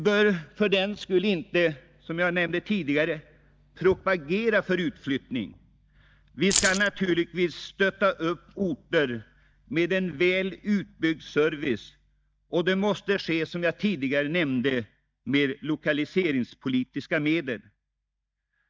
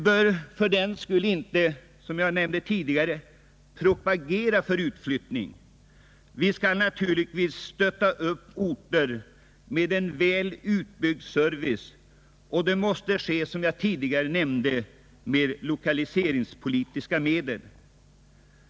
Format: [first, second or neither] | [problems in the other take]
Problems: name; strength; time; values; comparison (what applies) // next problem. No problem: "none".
second | noise reduction (neural mask model DeepFilterNet 3)